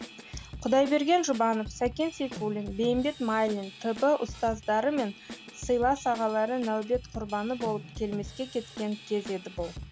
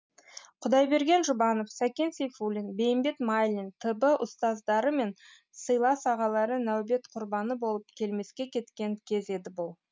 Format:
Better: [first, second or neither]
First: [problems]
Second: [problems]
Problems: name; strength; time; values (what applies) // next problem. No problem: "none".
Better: second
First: background sound (Drum / Drum kit); 14 dB below the speech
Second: none